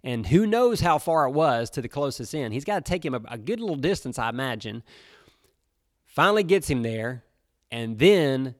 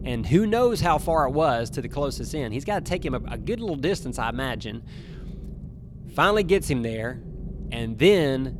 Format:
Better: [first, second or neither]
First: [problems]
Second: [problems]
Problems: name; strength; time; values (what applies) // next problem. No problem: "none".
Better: first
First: none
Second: low rumble; faint; throughout; 25 dB below the speech